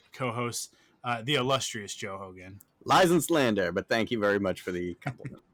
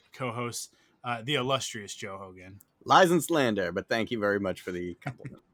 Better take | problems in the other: second | distortion; slight; 2% of the sound clipped

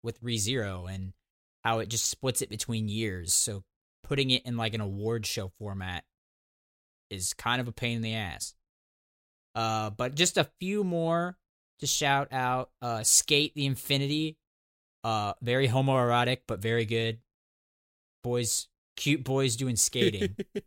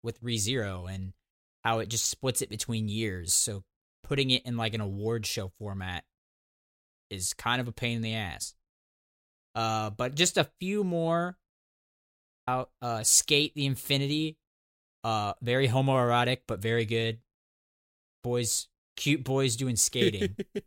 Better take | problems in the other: first | audio cutting out; at 12 s for 1 s

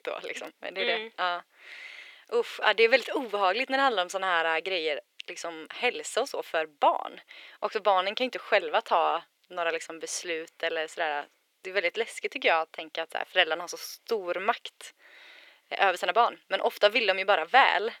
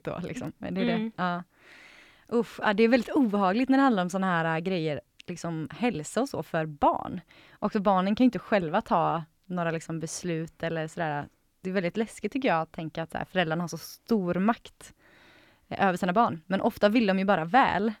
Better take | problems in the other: second | thin; very; fading below 450 Hz

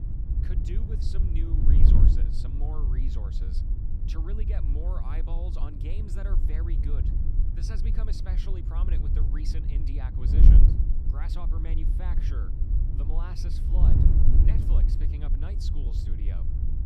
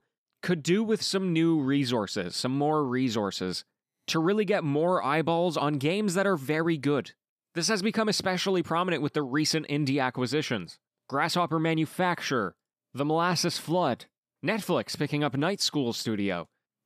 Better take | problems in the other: second | wind noise on the microphone; heavy; 2 dB above the speech

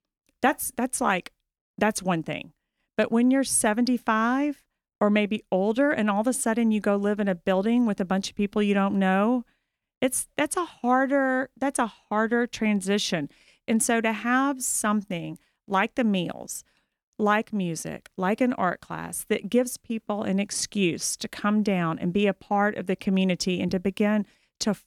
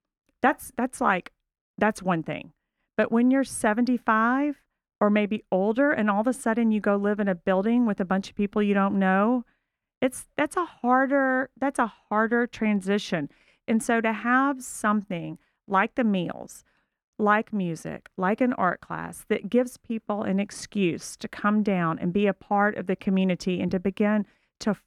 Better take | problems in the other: first | muffled; slightly; fading above 3 kHz

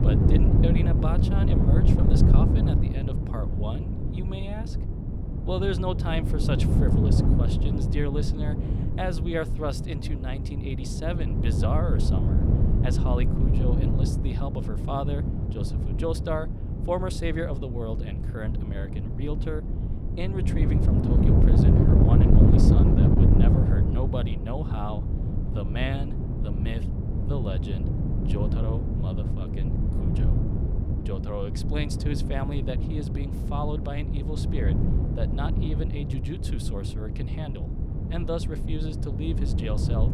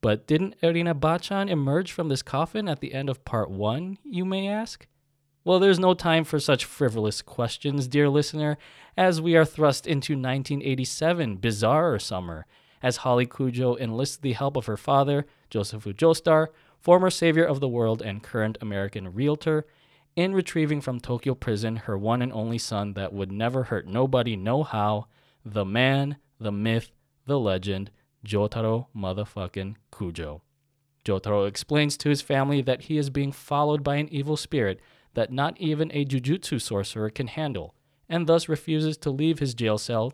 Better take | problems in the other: second | wind noise on the microphone; heavy; as loud as the speech

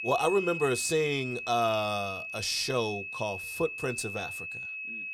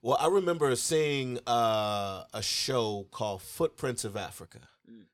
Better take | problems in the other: second | high-pitched whine; loud; throughout; 2.5 kHz, 6 dB below the speech

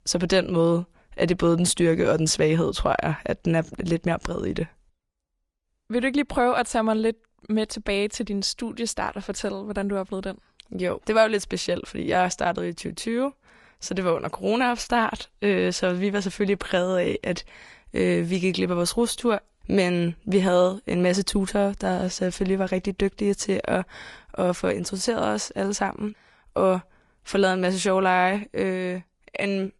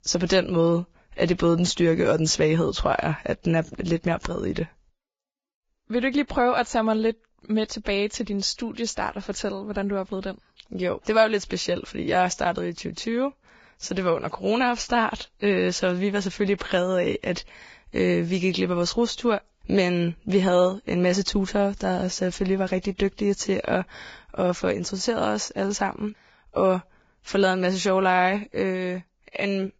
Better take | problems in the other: first | garbled, watery; badly; nothing above 7.5 kHz; slightly in the first

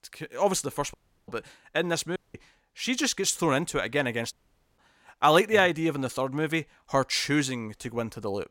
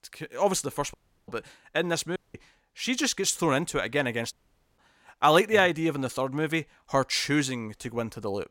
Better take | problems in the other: neither | audio cutting out; at 1 s, at 2 s and at 4.5 s; the same in both

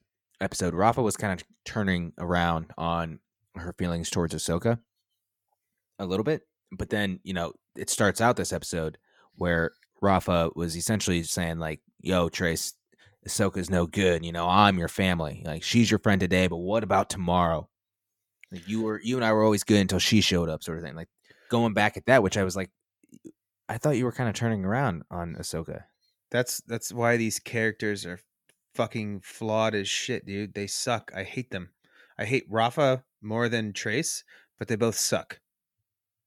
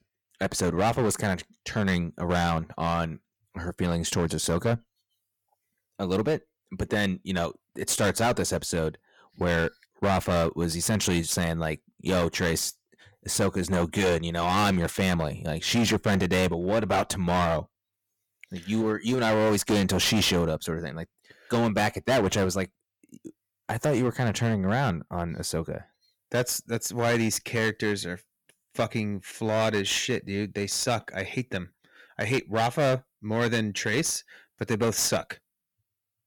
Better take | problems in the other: first | distortion; heavy; 11% of the sound clipped

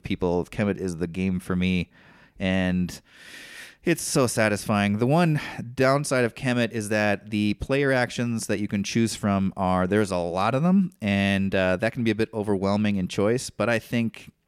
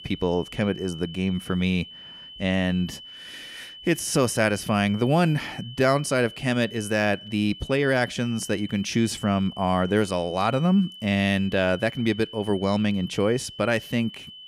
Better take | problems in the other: first | high-pitched whine; noticeable; throughout; 3 kHz, 15 dB below the speech

